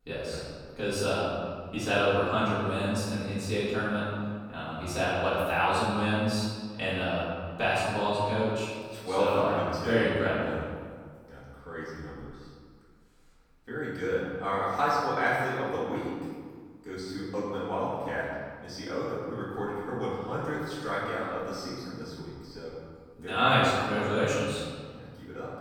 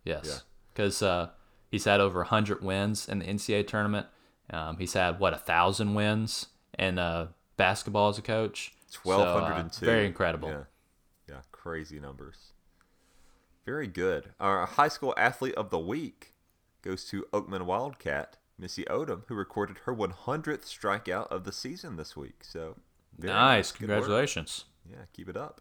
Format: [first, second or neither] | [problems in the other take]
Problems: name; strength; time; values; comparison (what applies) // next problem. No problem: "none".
second | off-mic speech; far // room echo; strong; dies away in 1.6 s